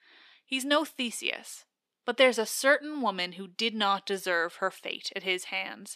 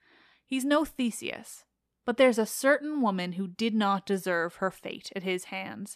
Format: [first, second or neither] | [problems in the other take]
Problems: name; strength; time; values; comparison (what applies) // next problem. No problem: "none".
second | thin; very slightly; fading below 300 Hz